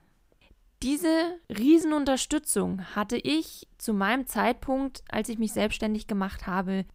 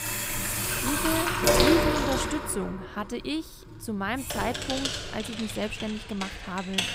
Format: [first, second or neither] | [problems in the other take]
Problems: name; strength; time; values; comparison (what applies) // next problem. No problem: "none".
first | household noises; very loud; throughout; 4 dB above the speech